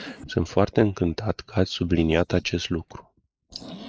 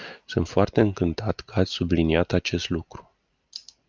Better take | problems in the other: second | noise reduction (neural mask model Resemble Enhance denoiser)

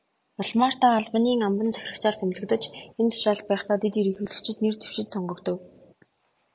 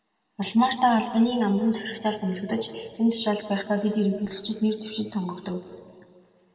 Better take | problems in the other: first | room echo; dies away in 1.9 s

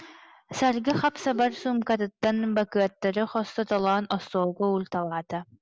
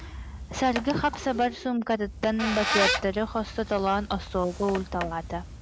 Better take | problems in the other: first | background sound (Squeak); 6 dB below the speech

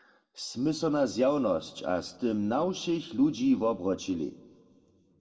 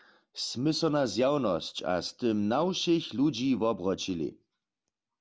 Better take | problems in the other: second | room echo; dies away in 1.2 s

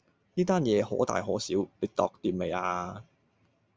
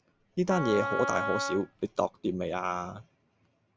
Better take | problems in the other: first | background sound (Wind instrument, woodwind instrument); 3 dB below the speech

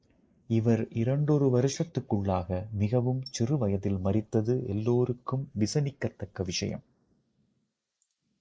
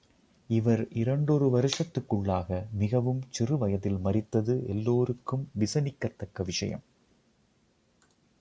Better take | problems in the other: second | noise reduction (neural mask model Resemble Enhance denoiser)

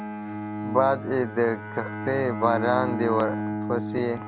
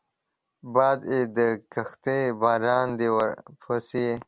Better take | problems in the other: second | background sound (Bowed string instrument); 5 dB below the speech

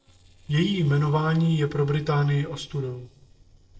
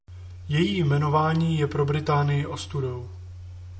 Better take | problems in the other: second | noise reduction (neural separator model SepFormer DNS4)

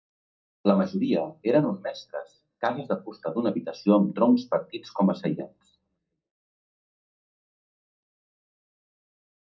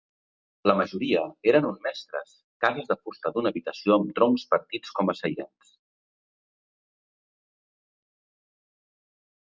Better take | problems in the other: second | room echo; dies away in 0.2 s

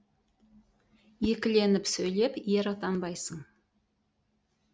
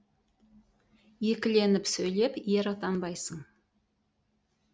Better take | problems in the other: second | background sound (Whoosh, swoosh, swish); 15 dB below the speech

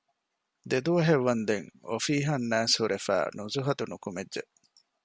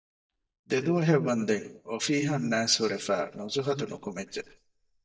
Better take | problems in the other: first | noise reduction (neural mask model DeepFilterNet 3)

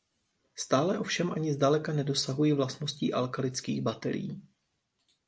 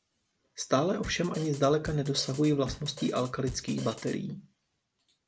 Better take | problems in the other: first | background sound (Drum kit); 14 dB below the speech

